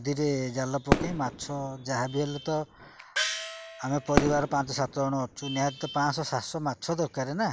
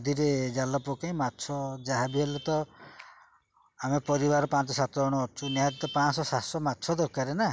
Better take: second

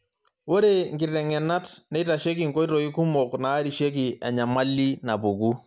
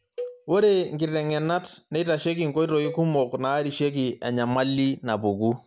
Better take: first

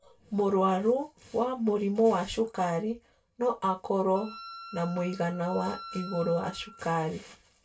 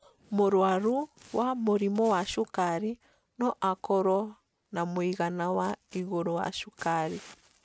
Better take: second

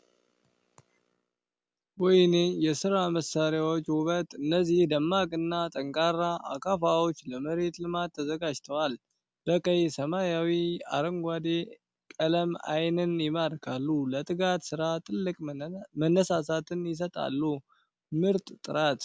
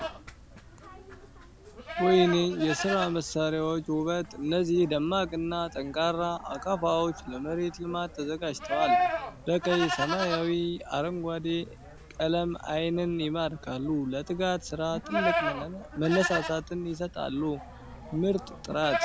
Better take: first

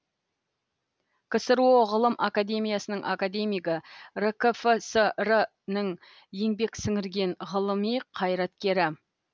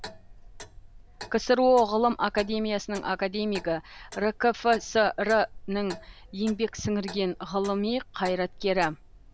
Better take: first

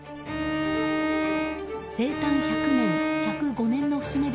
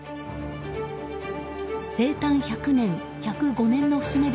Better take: second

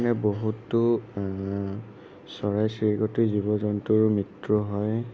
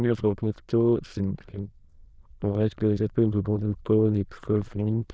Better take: first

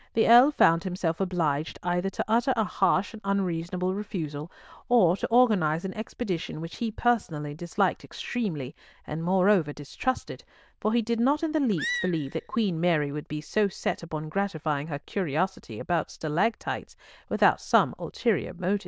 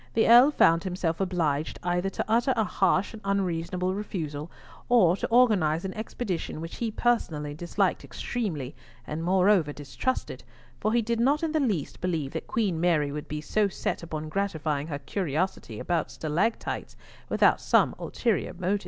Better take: second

